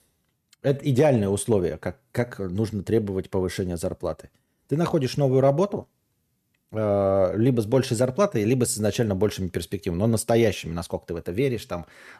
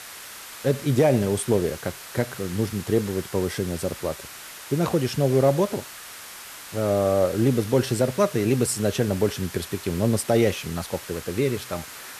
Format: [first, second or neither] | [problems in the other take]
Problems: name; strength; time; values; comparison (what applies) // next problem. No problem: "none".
first | hiss; noticeable; throughout; 15 dB below the speech